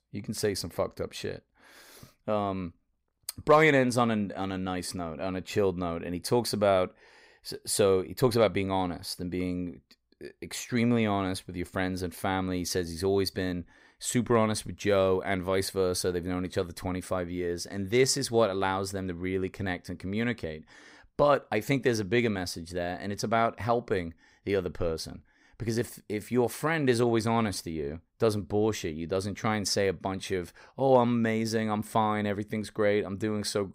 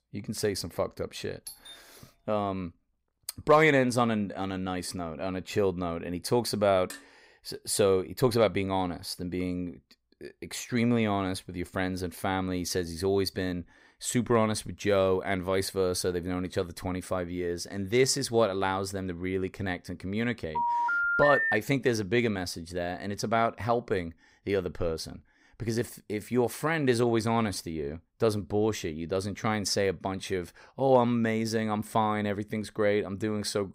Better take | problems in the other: first | doorbell; faint; at 1.5 s; peak 15 dB below the speech // clattering dishes; faint; at 7 s; peak 15 dB below the speech // phone ringing; loud; from 21 to 22 s; peak 3 dB above the speech

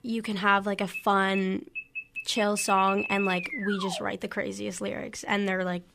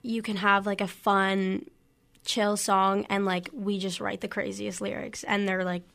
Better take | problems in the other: second | alarm; noticeable; from 1 to 4 s; peak 2 dB below the speech

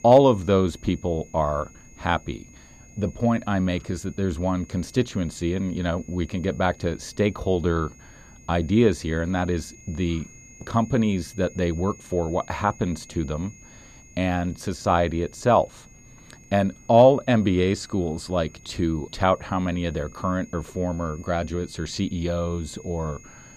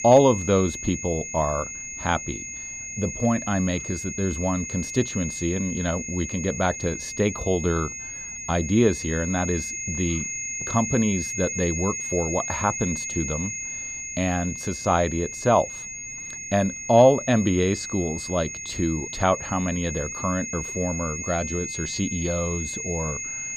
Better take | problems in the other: first | high-pitched whine; loud; throughout; 6.5 kHz, 6 dB below the speech; faint in the first

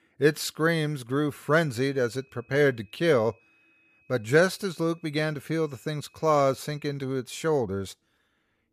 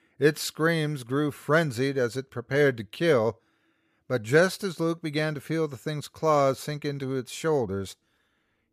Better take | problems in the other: second | high-pitched whine; faint; from 1.5 to 7 s; 2.5 kHz, 35 dB below the speech

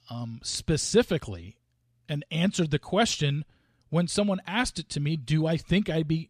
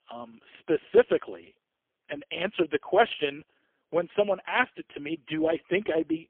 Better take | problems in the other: first | phone-call audio; poor line; nothing above 3.5 kHz

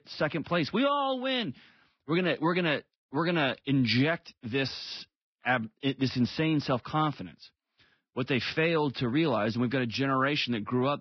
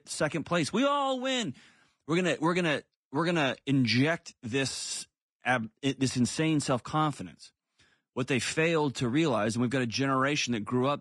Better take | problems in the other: second | garbled, watery; badly; nothing above 5.5 kHz; slightly in the second

